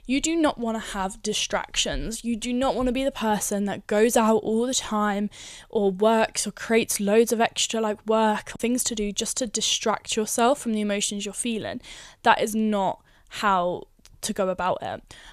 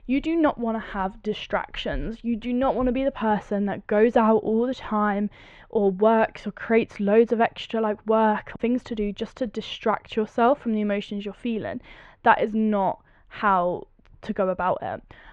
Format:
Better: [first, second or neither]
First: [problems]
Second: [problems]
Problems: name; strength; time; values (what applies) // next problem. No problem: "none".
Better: first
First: none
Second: muffled; very; fading above 2 kHz